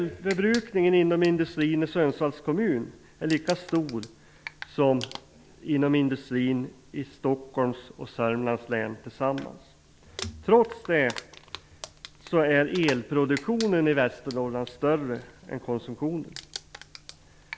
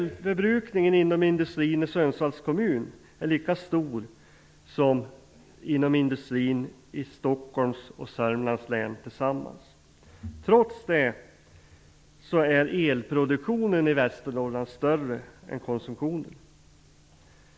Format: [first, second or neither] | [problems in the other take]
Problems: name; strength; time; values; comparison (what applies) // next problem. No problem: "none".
second | background sound (Crumpling, crinkling); 19 dB below the speech